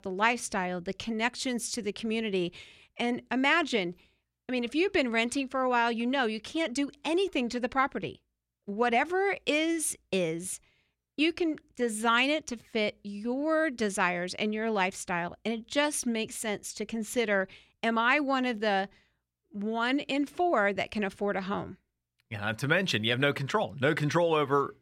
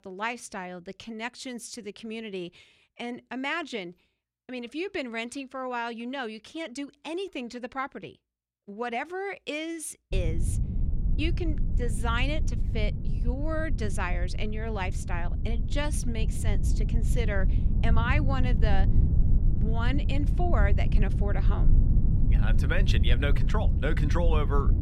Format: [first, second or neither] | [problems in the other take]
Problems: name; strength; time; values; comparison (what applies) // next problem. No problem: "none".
first | low rumble; loud; from 10 s on; 9 dB below the speech